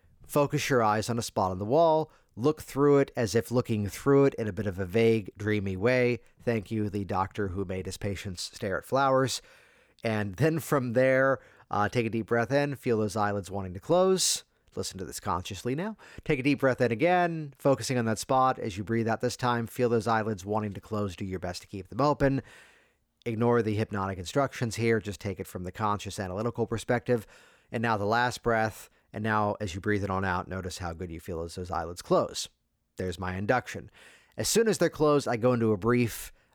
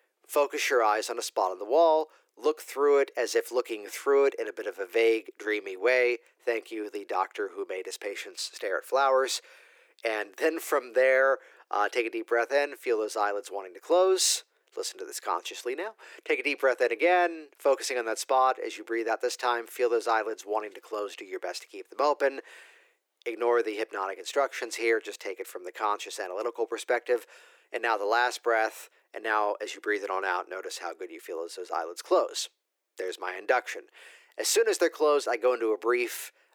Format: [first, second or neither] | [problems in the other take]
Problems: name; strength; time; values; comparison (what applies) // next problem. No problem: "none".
first | thin; very; fading below 350 Hz